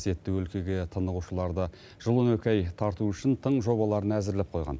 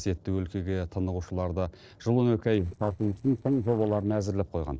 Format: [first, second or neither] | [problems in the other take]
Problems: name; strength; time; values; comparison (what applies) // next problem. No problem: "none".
first | noise reduction (neural separator model SepFormer DNS4)